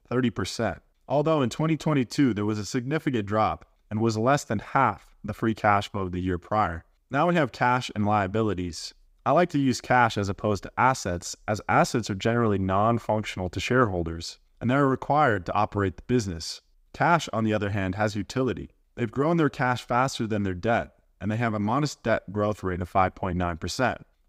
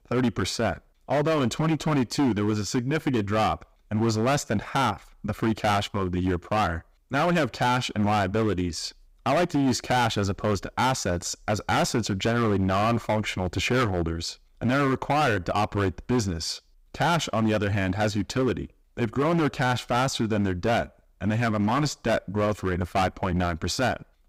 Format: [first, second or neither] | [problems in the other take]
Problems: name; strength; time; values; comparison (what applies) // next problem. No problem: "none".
first | distortion; heavy; 13% of the sound clipped